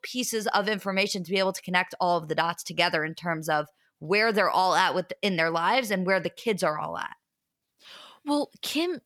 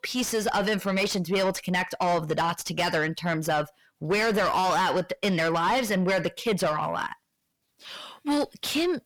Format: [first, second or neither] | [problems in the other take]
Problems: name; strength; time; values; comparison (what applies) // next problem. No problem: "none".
first | distortion; heavy; 7 dB below the speech